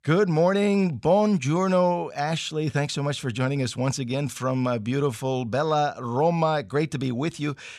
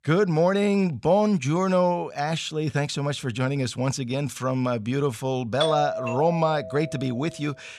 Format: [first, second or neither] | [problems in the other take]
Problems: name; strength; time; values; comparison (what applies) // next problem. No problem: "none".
first | doorbell; noticeable; from 5.5 to 7 s; peak 2 dB below the speech